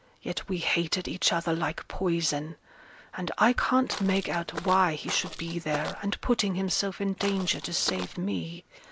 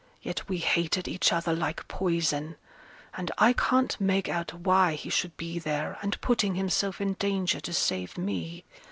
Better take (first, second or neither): second